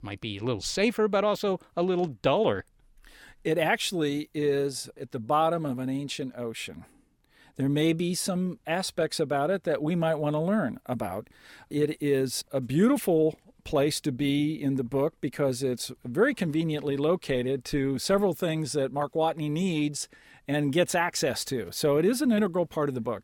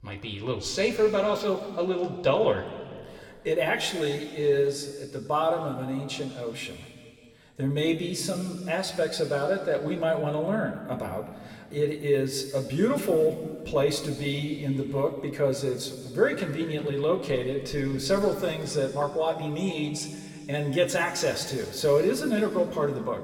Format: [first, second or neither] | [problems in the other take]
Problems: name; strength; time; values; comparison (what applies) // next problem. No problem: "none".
first | room echo; noticeable; dies away in 2 s // off-mic speech; somewhat distant